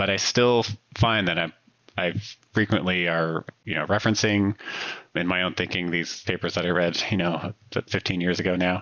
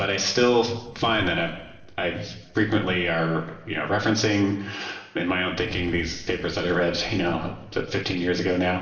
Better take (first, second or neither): first